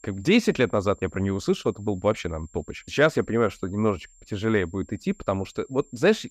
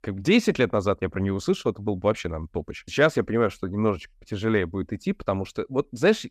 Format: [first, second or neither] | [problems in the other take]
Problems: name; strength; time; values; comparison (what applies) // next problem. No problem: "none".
second | high-pitched whine; faint; throughout; 7.5 kHz, 30 dB below the speech